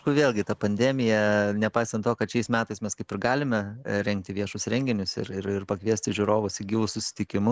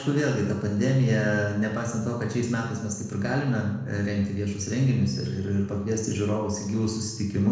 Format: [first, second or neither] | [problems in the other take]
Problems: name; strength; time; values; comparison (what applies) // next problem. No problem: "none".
first | room echo; dies away in 1 s